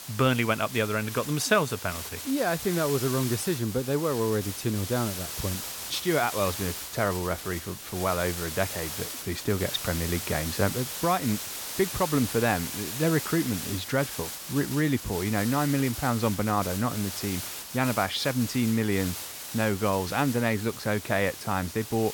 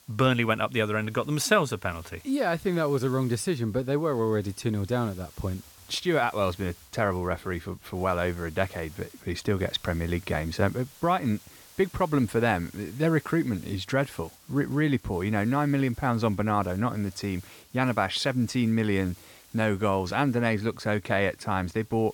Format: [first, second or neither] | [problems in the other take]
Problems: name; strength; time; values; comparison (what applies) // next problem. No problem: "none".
second | hiss; loud; throughout; 7 dB below the speech; faint in the second